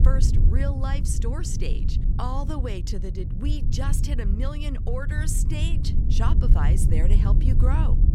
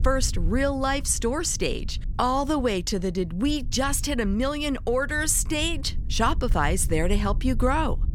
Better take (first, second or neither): second